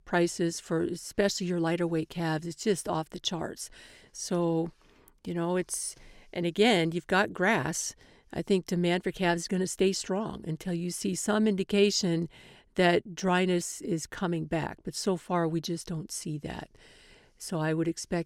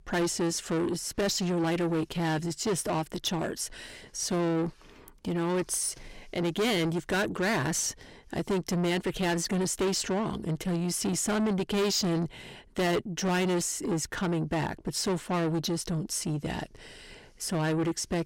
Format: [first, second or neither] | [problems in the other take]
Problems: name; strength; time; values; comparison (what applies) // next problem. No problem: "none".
first | distortion; heavy; 7 dB below the speech